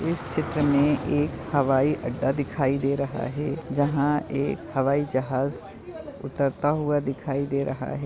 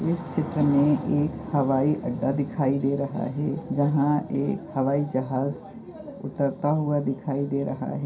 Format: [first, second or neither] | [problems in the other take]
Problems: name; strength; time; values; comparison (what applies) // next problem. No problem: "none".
first | room echo; dies away in 0.3 s